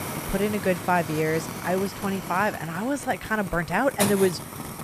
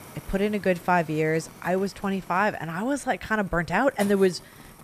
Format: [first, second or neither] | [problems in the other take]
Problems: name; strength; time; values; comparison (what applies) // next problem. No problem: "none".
second | hiss; loud; throughout; 7 dB below the speech; faint in the second